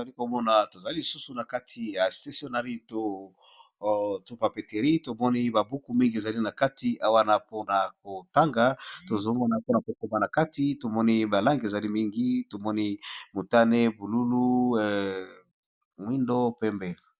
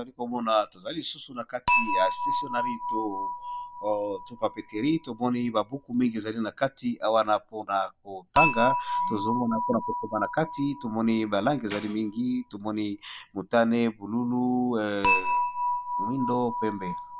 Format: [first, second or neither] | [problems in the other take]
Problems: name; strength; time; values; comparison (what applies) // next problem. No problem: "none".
first | background sound (Dishes, pots, and pans / Chink, clink + Tambourine); 4 dB below the speech